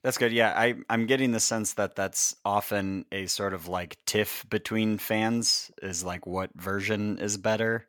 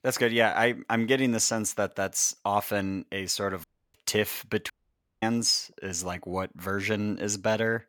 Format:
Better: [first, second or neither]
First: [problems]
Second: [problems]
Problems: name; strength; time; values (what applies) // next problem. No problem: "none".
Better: first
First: none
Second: audio cutting out; at 3.5 s and at 4.5 s for 0.5 s